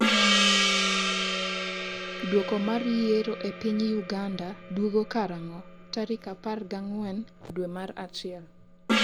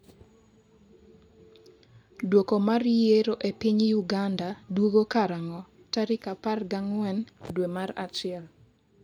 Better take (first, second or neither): second